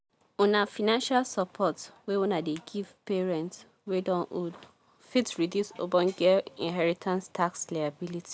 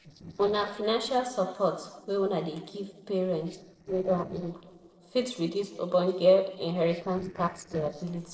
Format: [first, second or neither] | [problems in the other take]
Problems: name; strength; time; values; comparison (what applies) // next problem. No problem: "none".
first | noise reduction (neural separator model SepFormer DNS4)